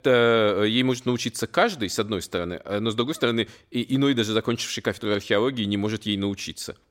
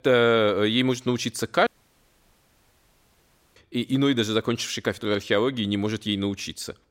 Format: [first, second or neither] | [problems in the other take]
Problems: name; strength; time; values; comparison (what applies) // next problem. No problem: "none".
first | audio cutting out; at 1.5 s for 2 s